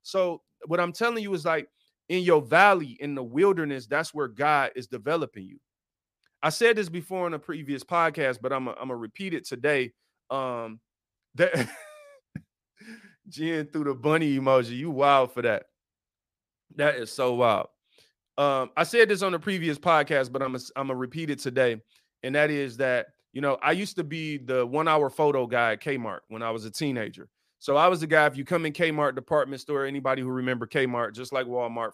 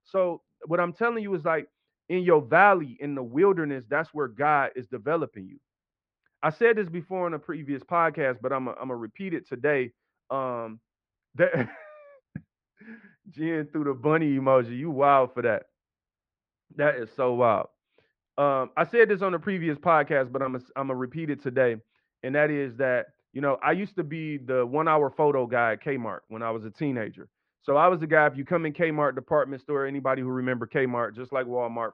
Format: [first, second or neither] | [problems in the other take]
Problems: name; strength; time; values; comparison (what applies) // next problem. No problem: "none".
first | muffled; very; fading above 2 kHz